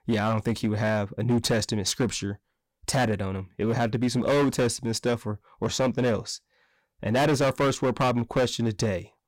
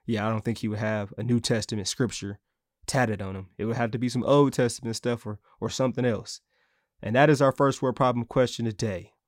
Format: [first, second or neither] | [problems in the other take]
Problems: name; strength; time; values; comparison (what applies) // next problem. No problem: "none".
second | distortion; heavy; 12% of the sound clipped